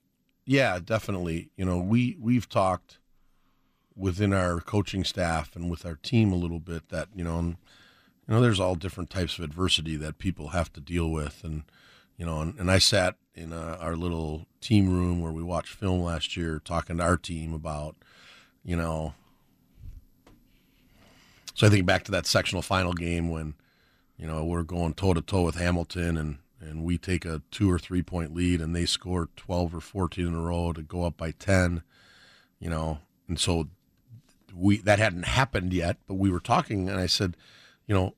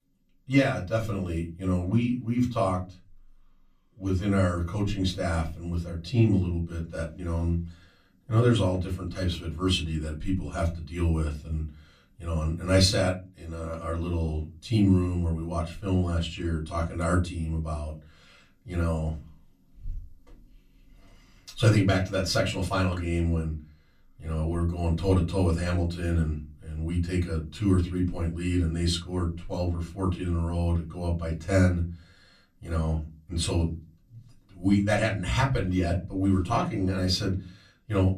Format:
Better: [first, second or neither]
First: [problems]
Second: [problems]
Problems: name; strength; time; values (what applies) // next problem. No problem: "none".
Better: first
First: none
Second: off-mic speech; far // room echo; very slight; dies away in 0.3 s